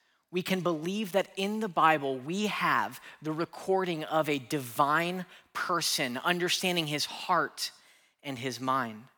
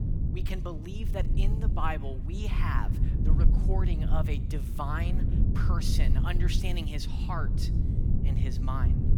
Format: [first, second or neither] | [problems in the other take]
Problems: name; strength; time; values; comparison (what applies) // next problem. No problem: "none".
first | low rumble; loud; throughout; 5 dB below the speech